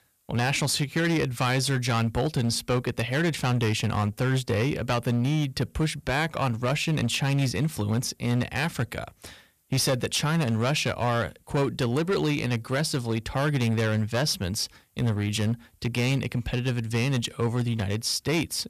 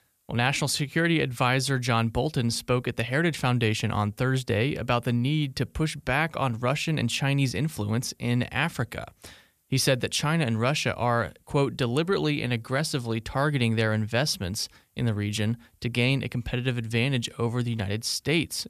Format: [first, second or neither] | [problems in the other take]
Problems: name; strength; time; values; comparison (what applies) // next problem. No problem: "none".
second | distortion; slight; 9% of the sound clipped